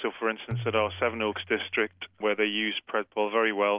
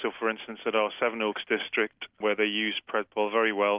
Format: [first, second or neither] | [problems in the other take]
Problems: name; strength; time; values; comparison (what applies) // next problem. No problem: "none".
second | background sound (Tabla); 12 dB below the speech